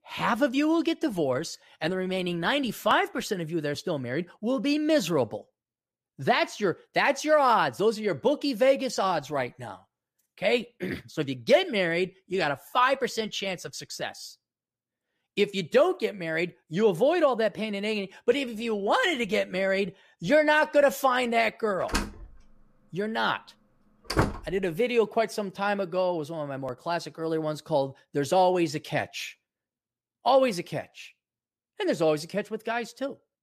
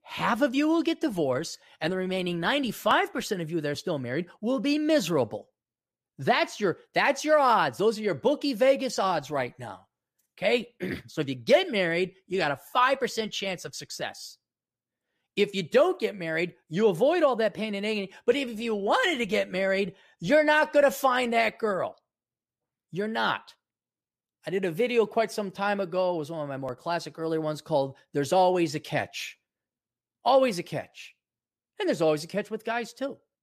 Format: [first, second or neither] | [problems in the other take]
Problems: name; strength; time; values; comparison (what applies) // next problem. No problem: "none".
second | door banging; noticeable; from 22 to 24 s; peak 1 dB below the speech